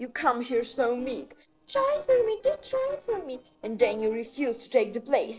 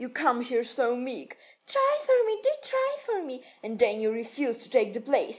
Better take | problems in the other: second | noise reduction (neural separator model SepFormer DNS4)

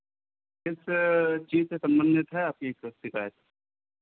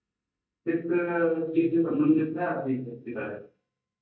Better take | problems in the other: first | noise reduction (neural mask model DeepFilterNet 3)

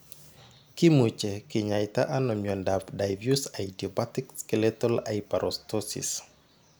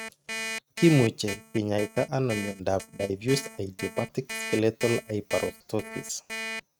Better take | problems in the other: first | noise reduction (neural mask model RNNoise)

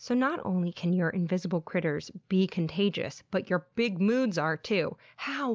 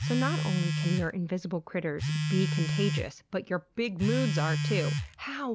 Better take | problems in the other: first | background sound (Telephone); as loud as the speech

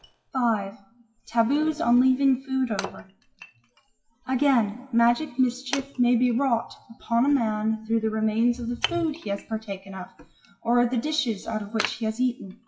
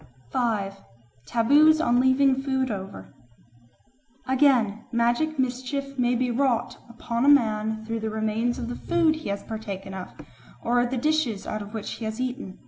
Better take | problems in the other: second | noise reduction (classical method WPE with log-MMSE)

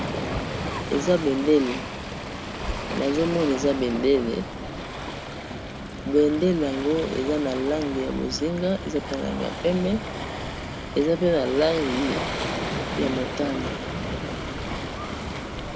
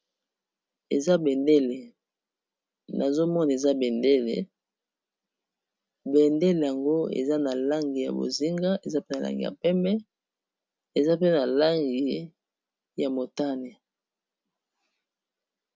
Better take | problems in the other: second | background sound (Waves, surf); 5 dB below the speech

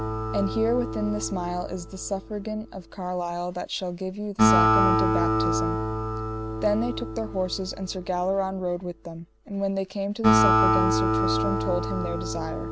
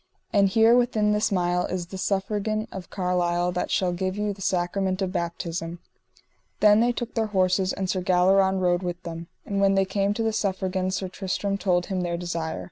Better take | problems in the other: second | background sound (Acoustic guitar); 3 dB above the speech

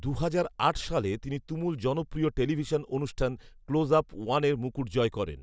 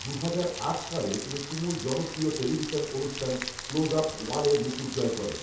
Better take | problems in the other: first | background sound (Rain); 9 dB below the speech // room echo; dies away in 0.8 s

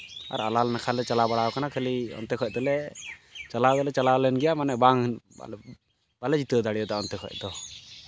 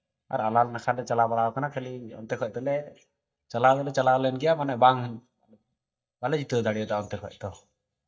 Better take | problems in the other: first | noise reduction (neural mask model DeepFilterNet 3)

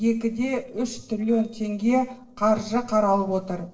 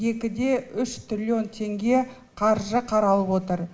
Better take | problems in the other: second | noise reduction (neural separator model SepFormer DNS4)

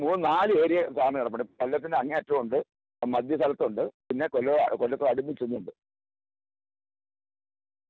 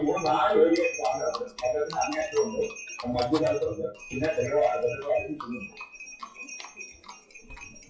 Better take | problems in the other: first | noise reduction (classical method WPE with log-MMSE)

